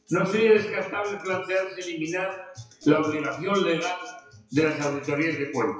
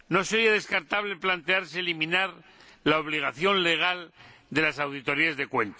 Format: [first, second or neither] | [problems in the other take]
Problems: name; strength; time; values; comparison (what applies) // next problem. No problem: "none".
second | noise reduction (classical method WPE with log-MMSE)